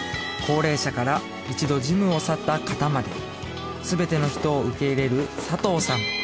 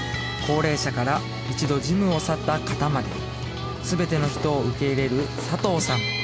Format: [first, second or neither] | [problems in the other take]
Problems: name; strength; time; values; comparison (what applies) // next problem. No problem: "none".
first | background sound (Mechanical fan); 9 dB below the speech